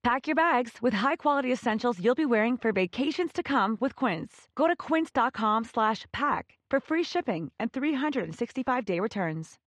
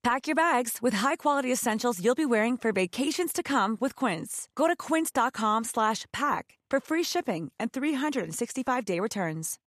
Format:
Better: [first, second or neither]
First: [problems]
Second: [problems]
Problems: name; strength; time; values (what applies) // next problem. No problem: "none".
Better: second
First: muffled; slightly; fading above 4 kHz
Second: none